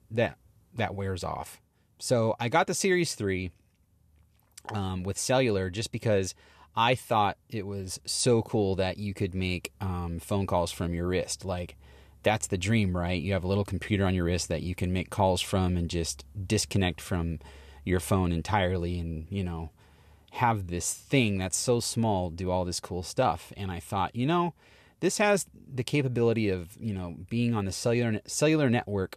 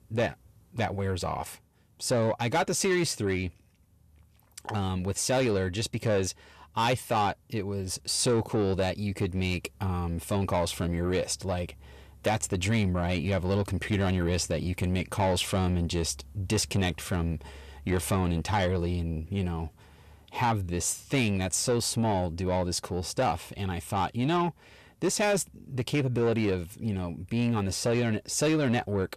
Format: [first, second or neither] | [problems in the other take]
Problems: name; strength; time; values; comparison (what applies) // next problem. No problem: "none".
first | distortion; slight; 10 dB below the speech